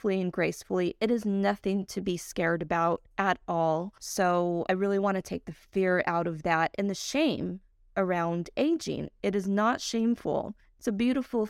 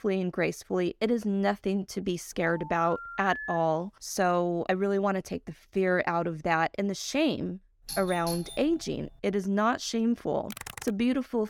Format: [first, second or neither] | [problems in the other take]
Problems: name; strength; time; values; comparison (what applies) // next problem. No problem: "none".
first | phone ringing; noticeable; from 2.5 to 3.5 s; peak 6 dB below the speech // doorbell; noticeable; from 8 to 9 s; peak 9 dB below the speech // keyboard typing; faint; at 11 s; peak 10 dB below the speech